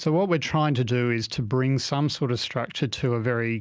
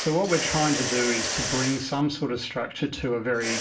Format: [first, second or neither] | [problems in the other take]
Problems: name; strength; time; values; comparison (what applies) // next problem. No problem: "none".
first | background sound (Mechanisms); 5 dB below the speech // room echo; dies away in 0.3 s